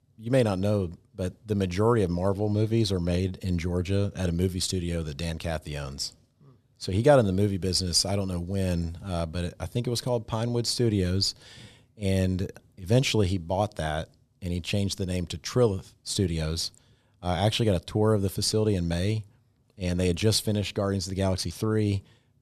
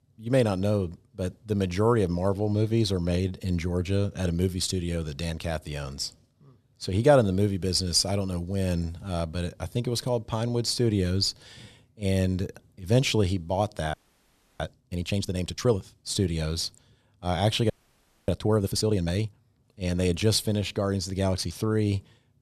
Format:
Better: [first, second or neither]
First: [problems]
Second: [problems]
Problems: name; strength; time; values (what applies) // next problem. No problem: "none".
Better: first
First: none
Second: audio freezing; at 14 s for 0.5 s and at 18 s for 0.5 s